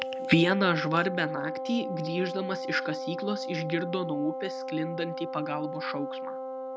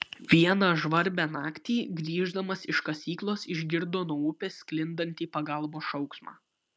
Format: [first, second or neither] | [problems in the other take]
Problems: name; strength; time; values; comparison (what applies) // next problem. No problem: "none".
second | background sound (Wind instrument, woodwind instrument); 5 dB below the speech